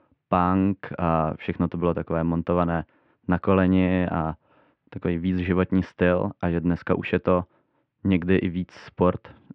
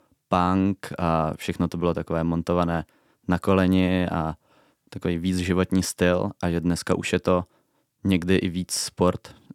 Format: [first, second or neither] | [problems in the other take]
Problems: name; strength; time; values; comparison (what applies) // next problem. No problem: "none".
second | muffled; very; fading above 2.5 kHz